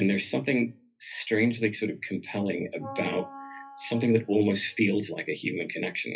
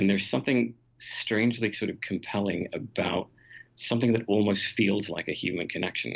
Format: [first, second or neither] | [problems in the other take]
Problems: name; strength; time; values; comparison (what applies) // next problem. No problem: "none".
second | noise reduction (classical method WPE with log-MMSE)